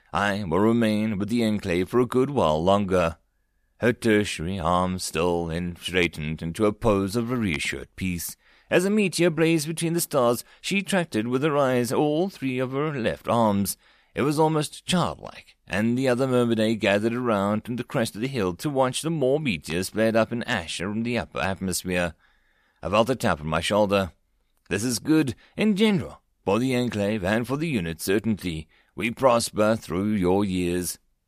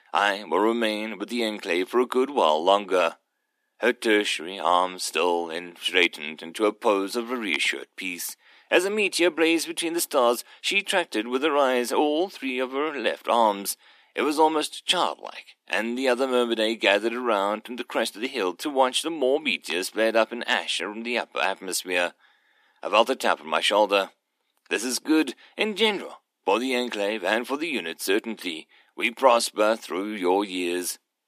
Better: first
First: none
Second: thin; somewhat; fading below 250 Hz

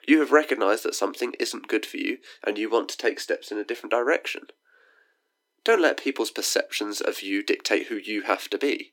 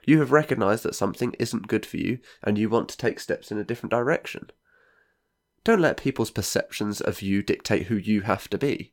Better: second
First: thin; somewhat; fading below 300 Hz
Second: none

